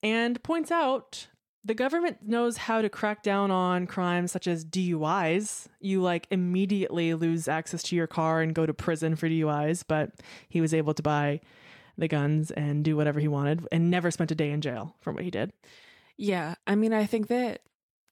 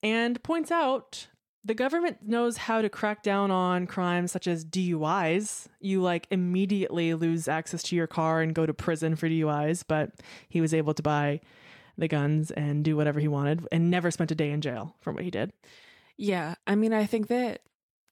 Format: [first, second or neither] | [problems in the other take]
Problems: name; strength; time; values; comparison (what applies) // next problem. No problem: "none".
neither | none